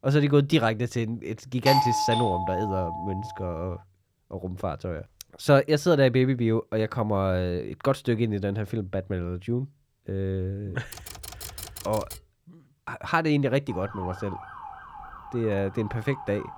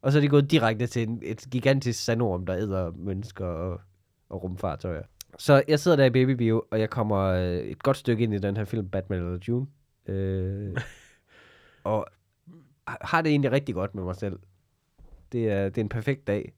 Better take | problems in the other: second | doorbell; loud; from 1.5 to 3 s; peak 4 dB above the speech // keyboard typing; faint; from 11 to 12 s; peak 10 dB below the speech // siren; faint; from 14 s on; peak 10 dB below the speech

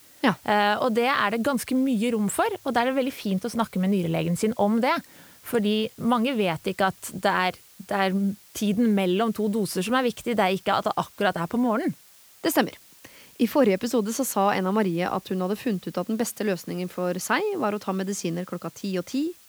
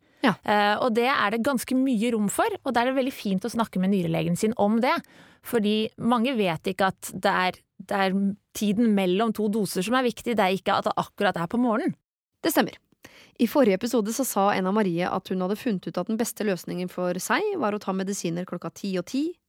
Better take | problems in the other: second | hiss; faint; throughout; 25 dB below the speech

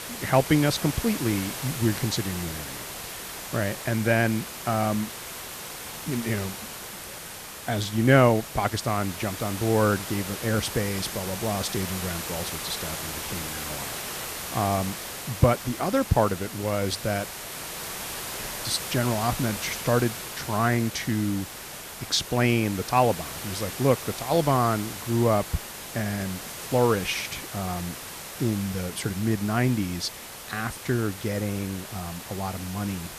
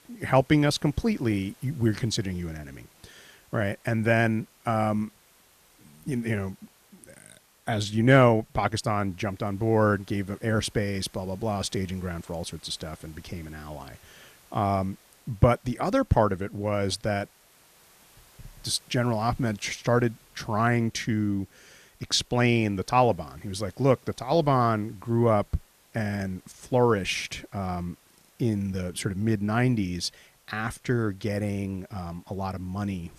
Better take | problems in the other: second | hiss; loud; throughout; 8 dB below the speech; faint in the second

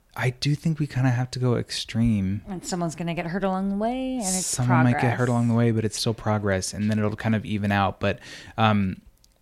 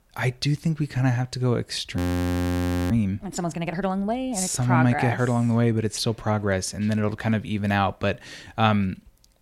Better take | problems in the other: first | audio freezing; at 2 s for 1 s

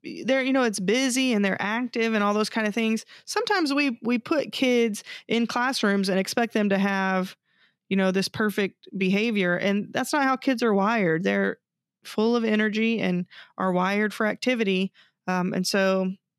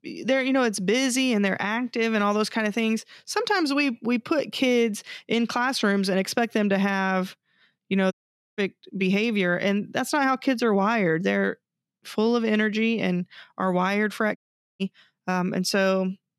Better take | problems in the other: first | audio cutting out; at 8 s and at 14 s

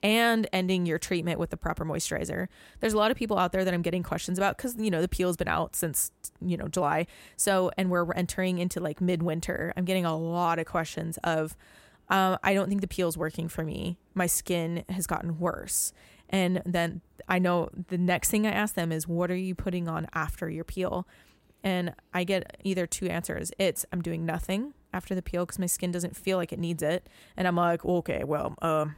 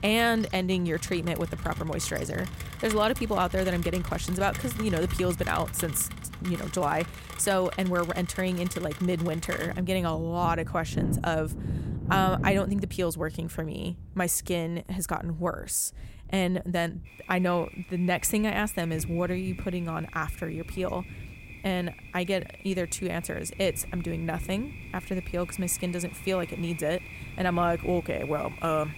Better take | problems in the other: first | rain or running water; loud; throughout; 9 dB below the speech

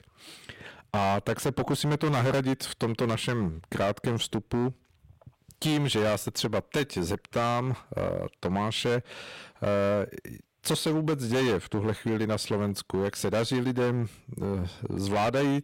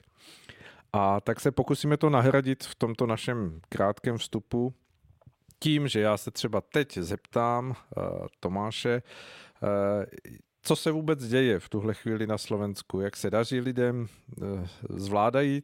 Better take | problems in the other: second | distortion; heavy; 15% of the sound clipped

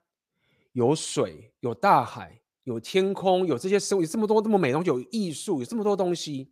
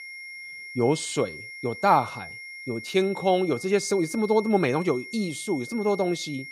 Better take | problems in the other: first | high-pitched whine; noticeable; throughout; 2 kHz, 10 dB below the speech

